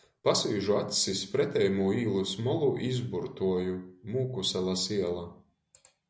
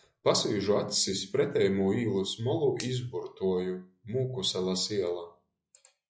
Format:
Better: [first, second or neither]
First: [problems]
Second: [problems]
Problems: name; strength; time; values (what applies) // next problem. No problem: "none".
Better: first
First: none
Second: noise reduction (classical method log-MMSE)